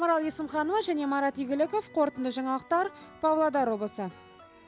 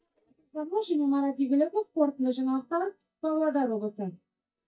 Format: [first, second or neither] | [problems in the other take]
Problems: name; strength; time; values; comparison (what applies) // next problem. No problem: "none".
first | noise reduction (neural mask model DeepFilterNet 3)